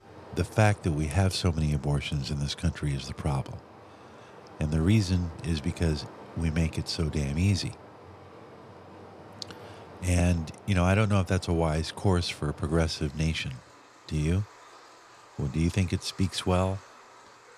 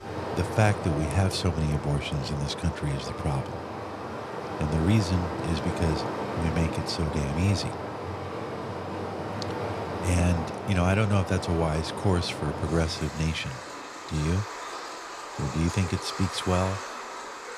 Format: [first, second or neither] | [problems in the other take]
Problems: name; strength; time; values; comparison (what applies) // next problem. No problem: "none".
first | rain or running water; loud; throughout; 6 dB below the speech; faint in the first